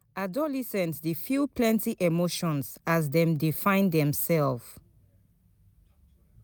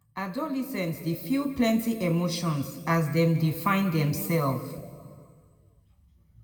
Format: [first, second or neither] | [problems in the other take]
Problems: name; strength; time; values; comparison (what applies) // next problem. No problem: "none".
first | room echo; dies away in 1.8 s